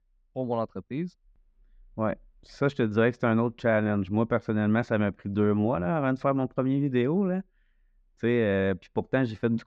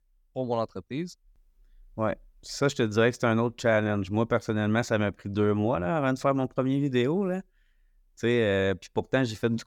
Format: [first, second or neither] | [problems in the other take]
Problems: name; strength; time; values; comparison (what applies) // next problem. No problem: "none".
second | muffled; slightly; fading above 2.5 kHz